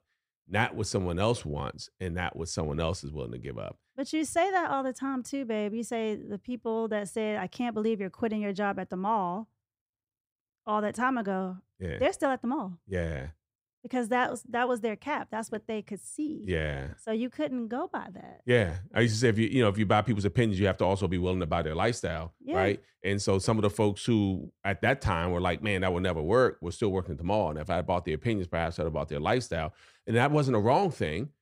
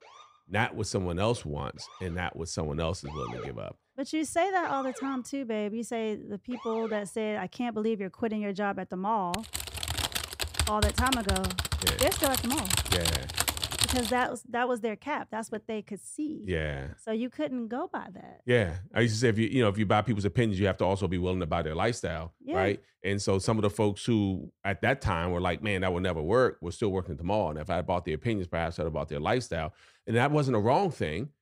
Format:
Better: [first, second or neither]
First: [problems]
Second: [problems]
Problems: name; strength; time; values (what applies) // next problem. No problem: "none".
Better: first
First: none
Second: siren; noticeable; until 7 s; peak 10 dB below the speech // keyboard typing; loud; from 9.5 to 14 s; peak 4 dB above the speech